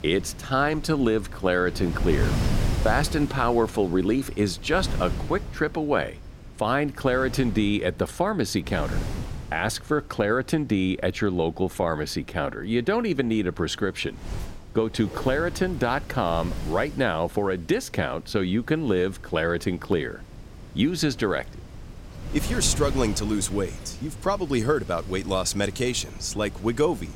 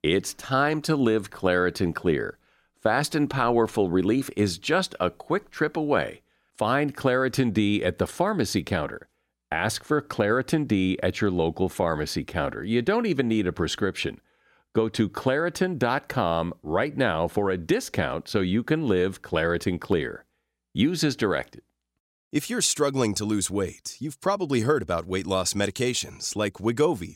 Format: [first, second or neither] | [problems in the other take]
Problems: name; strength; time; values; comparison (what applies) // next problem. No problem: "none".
second | wind noise on the microphone; occasional gusts; 15 dB below the speech